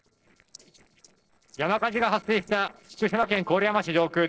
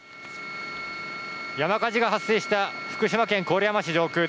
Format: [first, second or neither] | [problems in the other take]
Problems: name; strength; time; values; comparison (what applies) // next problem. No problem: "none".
second | noise reduction (neural separator model SepFormer DNS4)